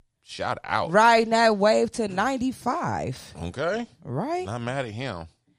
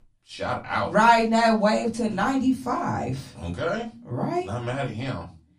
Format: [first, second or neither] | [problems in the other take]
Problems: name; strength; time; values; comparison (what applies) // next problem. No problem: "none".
first | off-mic speech; far // room echo; very slight; dies away in 0.3 s